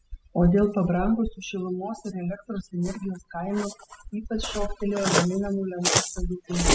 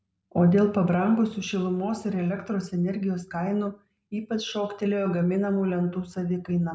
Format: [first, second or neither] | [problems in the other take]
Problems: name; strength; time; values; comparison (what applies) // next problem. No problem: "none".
second | noise reduction (classical method spectral subtraction)